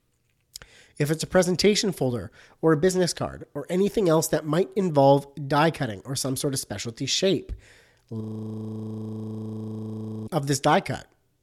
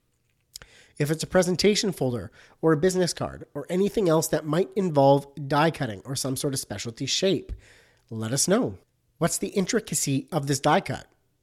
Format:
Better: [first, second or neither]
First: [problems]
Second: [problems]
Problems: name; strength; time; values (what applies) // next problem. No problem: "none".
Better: second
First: audio freezing; at 8 s for 2 s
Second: none